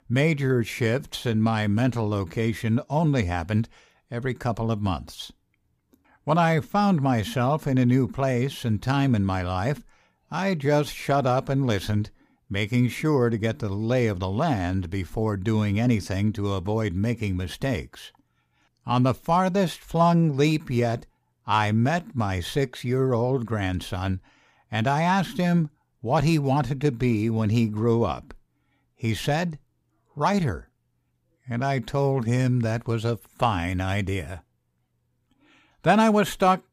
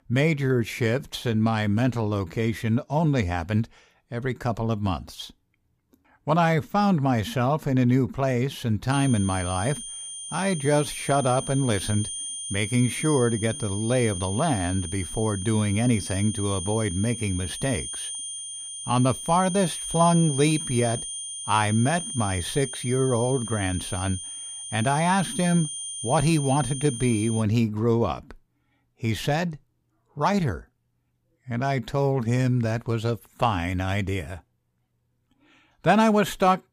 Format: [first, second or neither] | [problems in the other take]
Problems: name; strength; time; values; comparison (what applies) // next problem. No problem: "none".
first | high-pitched whine; loud; from 9 to 27 s; 9 kHz, 7 dB below the speech